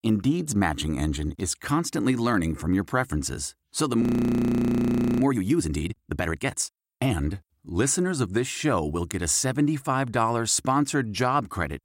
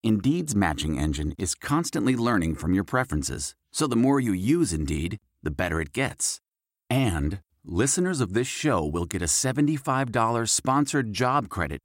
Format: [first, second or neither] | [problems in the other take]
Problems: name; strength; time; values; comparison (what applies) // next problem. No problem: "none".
second | audio freezing; at 4 s for 1 s